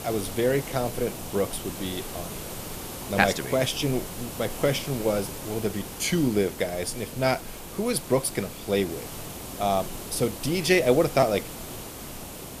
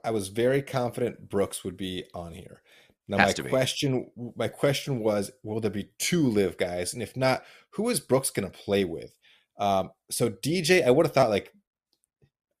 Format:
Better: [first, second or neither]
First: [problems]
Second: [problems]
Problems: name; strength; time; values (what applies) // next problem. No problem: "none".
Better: second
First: hiss; noticeable; throughout; 10 dB below the speech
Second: none